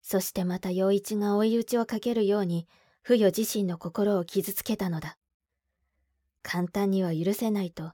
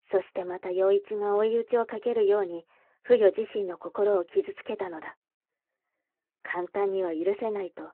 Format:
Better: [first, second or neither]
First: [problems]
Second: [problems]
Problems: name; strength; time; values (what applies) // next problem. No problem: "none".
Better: first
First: none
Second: phone-call audio